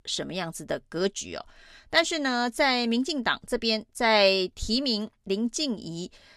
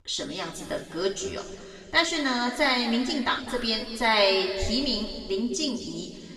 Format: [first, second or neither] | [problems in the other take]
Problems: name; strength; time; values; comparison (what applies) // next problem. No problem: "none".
first | room echo; noticeable; dies away in 2.1 s // off-mic speech; far